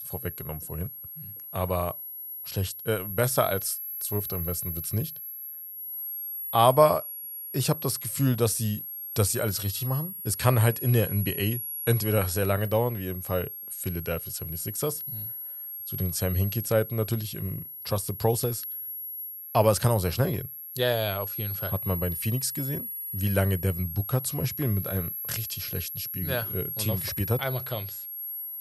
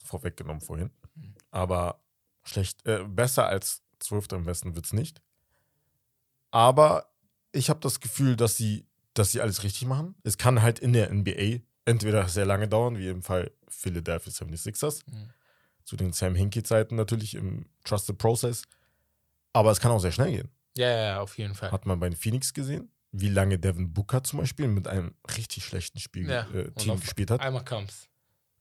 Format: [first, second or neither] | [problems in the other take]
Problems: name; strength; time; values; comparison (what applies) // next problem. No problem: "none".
second | high-pitched whine; loud; throughout; 11.5 kHz, 6 dB below the speech